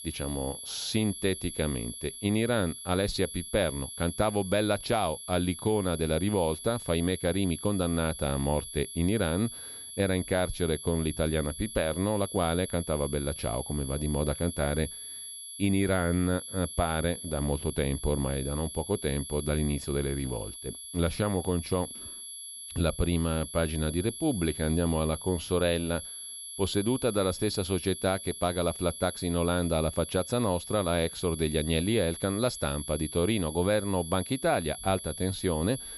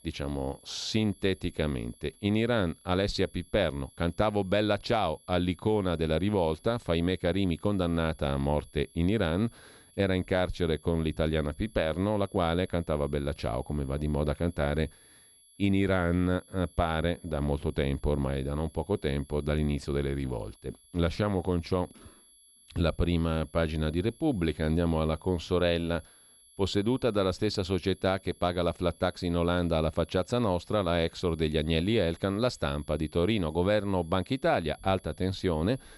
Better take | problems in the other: second | high-pitched whine; loud; throughout; 11 kHz, 9 dB below the speech; faint in the second

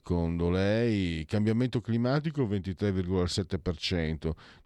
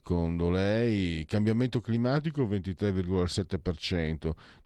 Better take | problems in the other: first | garbled, watery; slightly

